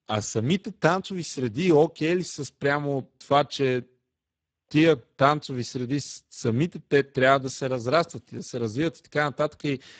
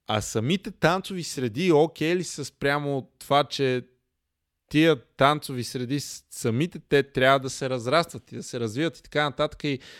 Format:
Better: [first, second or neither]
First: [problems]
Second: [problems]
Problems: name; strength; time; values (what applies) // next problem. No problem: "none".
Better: second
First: garbled, watery; badly; nothing above 7.5 kHz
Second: none